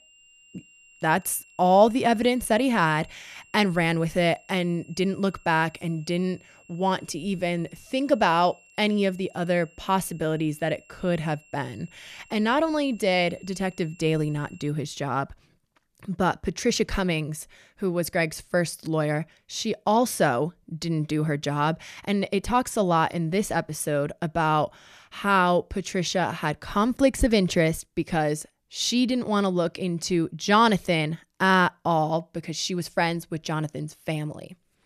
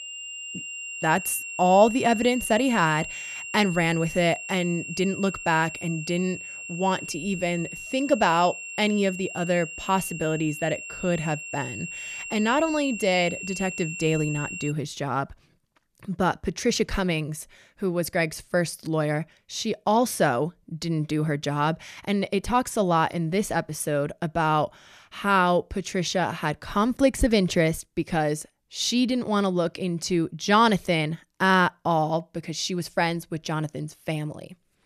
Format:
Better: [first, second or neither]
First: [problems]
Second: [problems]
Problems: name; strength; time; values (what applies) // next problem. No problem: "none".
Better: first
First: high-pitched whine; faint; until 15 s; 2.5 kHz, 30 dB below the speech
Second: high-pitched whine; loud; until 15 s; 2.5 kHz, 9 dB below the speech